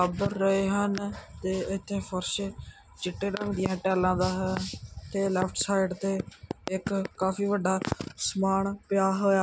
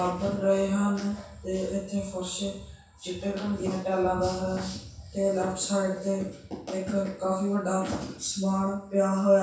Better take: first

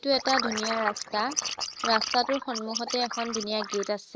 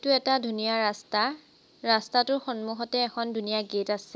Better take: second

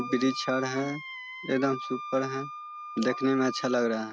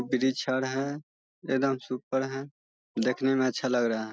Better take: second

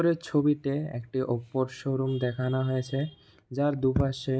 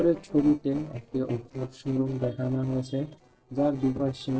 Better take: first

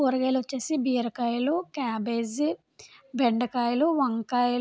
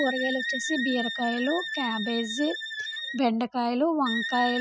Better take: first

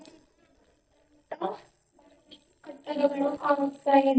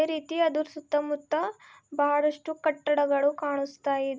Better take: second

